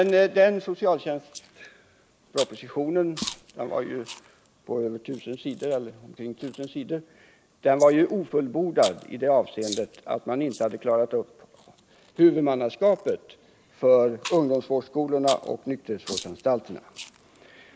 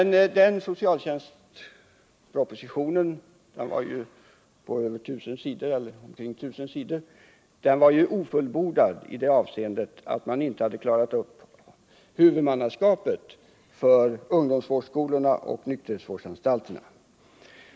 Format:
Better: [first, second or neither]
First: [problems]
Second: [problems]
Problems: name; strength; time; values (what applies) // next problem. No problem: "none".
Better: second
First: noise reduction (neural mask model Resemble Enhance denoiser)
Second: none